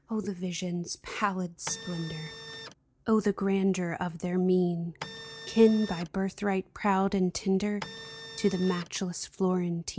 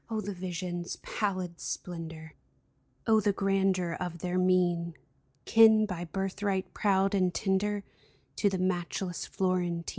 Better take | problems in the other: second | background sound (Printer); 13 dB below the speech

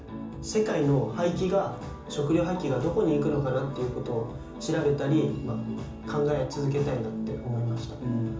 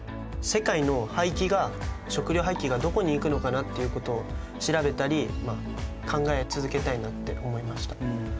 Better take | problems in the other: second | room echo; dies away in 0.7 s

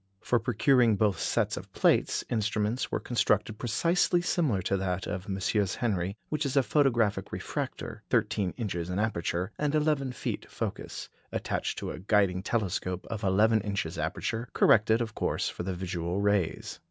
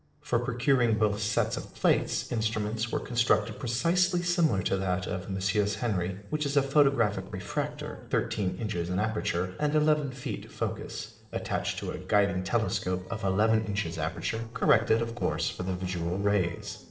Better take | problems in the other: first | noise reduction (neural separator model SepFormer DNS4)

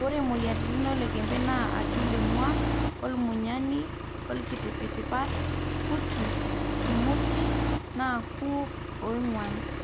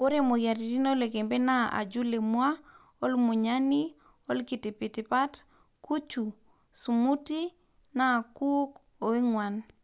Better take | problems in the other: second | background sound (Accelerating, revving, vroom); 2 dB above the speech

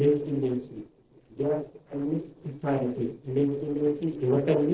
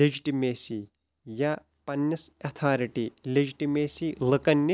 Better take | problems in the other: second | noise reduction (neural separator model SepFormer DNS4)

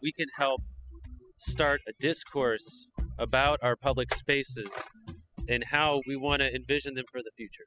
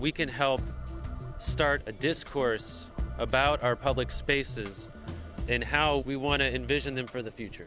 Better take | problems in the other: second | noise reduction (classical method spectral subtraction)

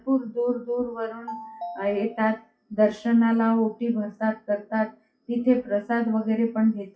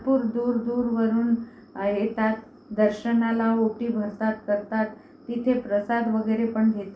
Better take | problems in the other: second | noise reduction (classical method WPE with log-MMSE)

